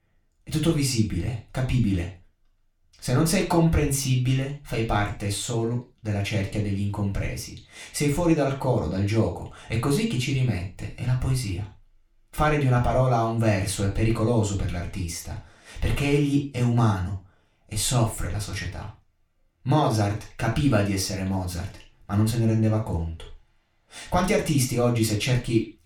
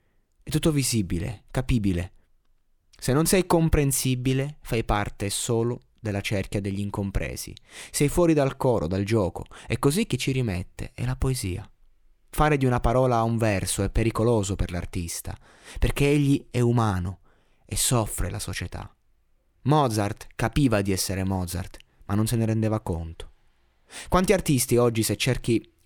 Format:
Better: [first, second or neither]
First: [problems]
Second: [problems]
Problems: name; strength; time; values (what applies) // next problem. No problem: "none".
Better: second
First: room echo; slight; dies away in 0.3 s // off-mic speech; far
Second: none